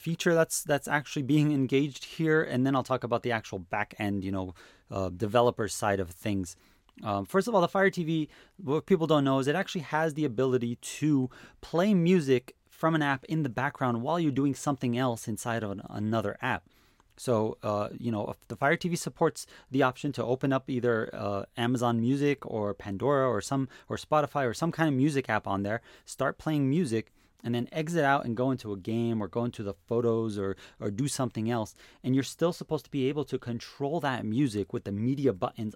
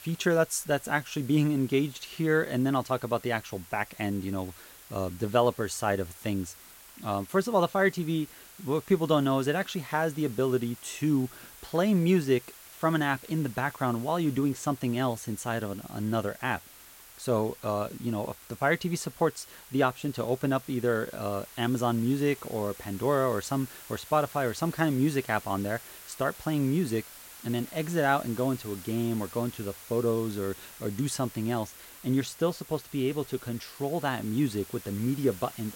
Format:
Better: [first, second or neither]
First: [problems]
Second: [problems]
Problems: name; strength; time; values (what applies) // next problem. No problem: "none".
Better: first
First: none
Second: hiss; noticeable; throughout; 15 dB below the speech